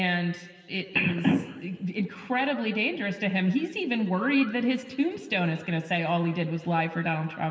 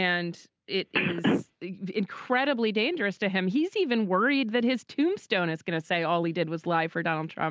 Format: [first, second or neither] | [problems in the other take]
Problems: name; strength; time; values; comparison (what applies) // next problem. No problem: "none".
second | room echo; dies away in 2 s